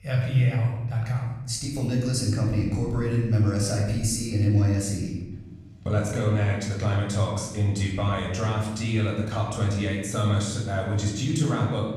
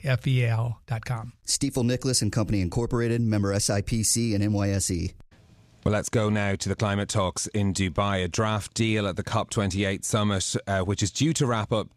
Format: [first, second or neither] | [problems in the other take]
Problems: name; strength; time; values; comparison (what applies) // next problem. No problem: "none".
second | off-mic speech; far // room echo; noticeable; dies away in 1.1 s